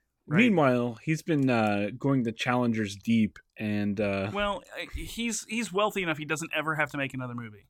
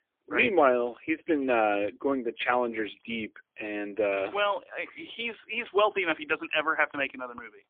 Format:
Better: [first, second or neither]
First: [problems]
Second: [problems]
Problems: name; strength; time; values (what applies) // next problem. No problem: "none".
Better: first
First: none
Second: phone-call audio; poor line; nothing above 3.5 kHz